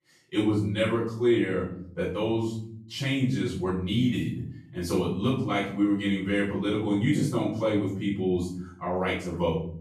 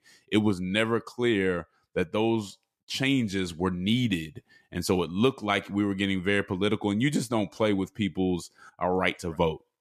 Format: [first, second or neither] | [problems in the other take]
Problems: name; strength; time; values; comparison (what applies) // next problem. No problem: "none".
second | off-mic speech; far // room echo; noticeable; dies away in 0.8 s